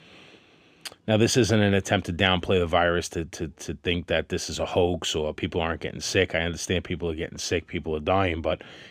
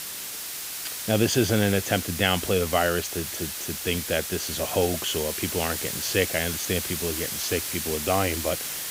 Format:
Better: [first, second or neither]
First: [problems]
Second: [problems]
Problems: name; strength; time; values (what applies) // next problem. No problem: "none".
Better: first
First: none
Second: hiss; loud; throughout; 3 dB below the speech